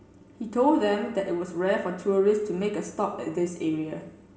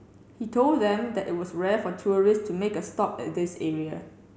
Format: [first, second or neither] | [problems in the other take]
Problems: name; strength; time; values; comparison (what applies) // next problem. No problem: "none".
second | room echo; dies away in 0.7 s